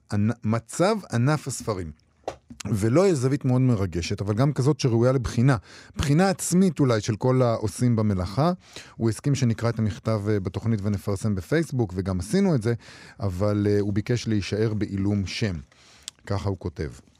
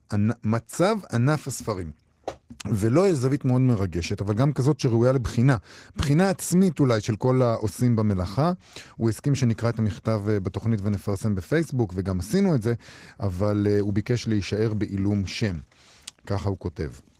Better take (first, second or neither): first